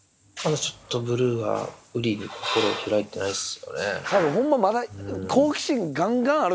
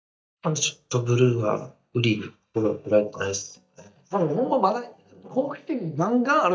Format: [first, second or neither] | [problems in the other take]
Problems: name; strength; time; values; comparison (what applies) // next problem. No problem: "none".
first | noise reduction (neural mask model DeepFilterNet 3)